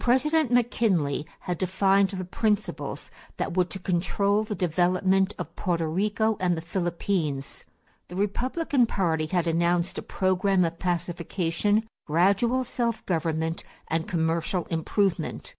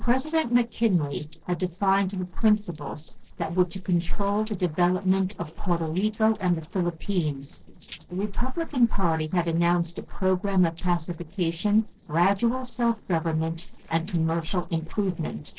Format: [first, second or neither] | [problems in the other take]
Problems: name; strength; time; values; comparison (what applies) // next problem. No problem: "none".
first | noise reduction (neural separator model SepFormer DNS4)